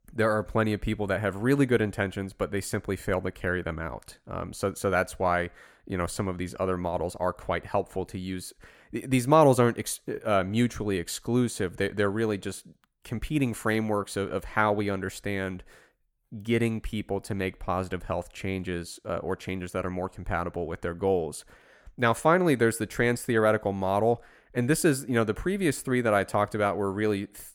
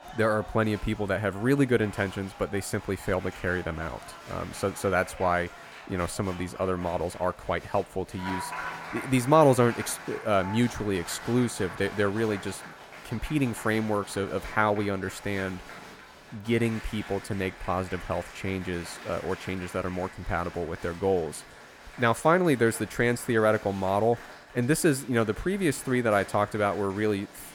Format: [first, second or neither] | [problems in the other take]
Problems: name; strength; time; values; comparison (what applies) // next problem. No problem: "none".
first | crowd noise; noticeable; throughout; 15 dB below the speech